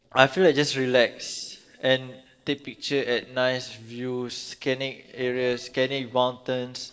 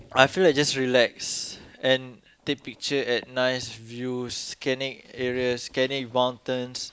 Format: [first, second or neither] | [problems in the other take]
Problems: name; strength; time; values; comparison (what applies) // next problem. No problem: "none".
second | noise reduction (neural separator model SepFormer DNS4)